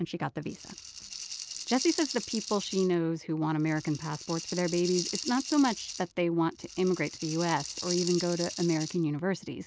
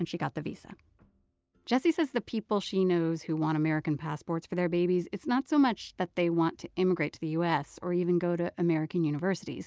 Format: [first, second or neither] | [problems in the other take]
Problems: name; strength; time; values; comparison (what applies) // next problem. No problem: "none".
second | background sound (Rattle (instrument)); 9 dB below the speech